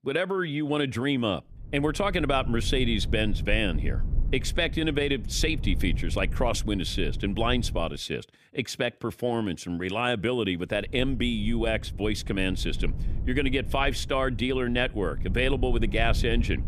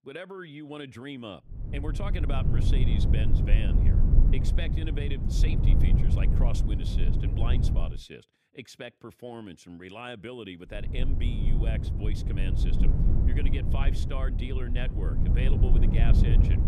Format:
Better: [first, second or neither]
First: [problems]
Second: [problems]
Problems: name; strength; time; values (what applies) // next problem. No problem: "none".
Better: first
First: low rumble; faint; from 1.5 to 8 s and from 11 s on; 20 dB below the speech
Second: low rumble; loud; from 1.5 to 8 s and from 11 s on; 1 dB below the speech